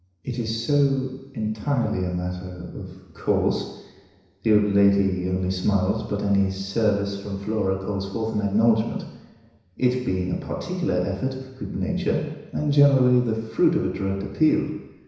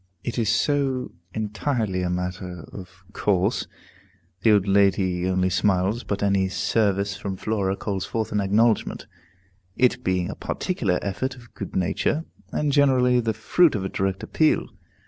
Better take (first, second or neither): second